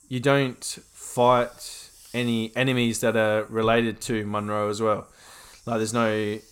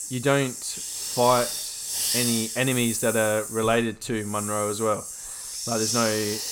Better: first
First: hiss; faint; throughout; 30 dB below the speech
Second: hiss; loud; throughout; 3 dB below the speech

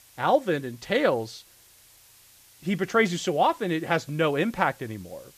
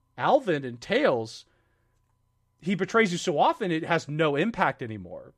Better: second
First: hiss; faint; throughout; 25 dB below the speech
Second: none

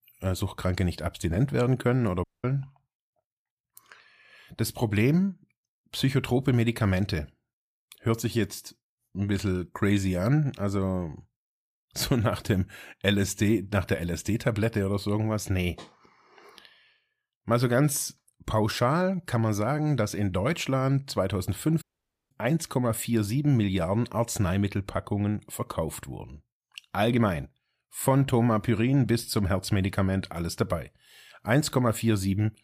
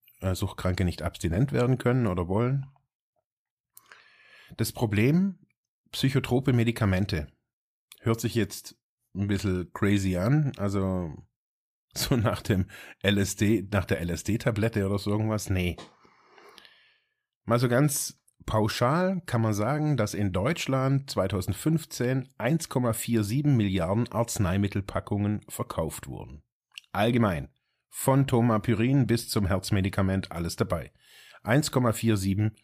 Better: second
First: audio cutting out; at 2 s and at 22 s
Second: none

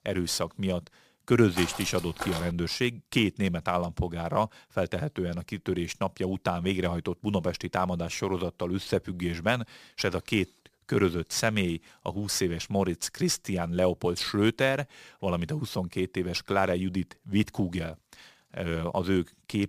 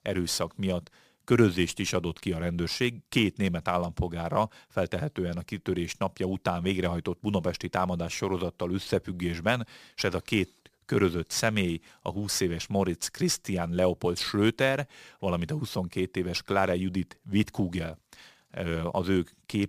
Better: second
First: footsteps; noticeable; at 1.5 s; peak 6 dB below the speech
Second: none

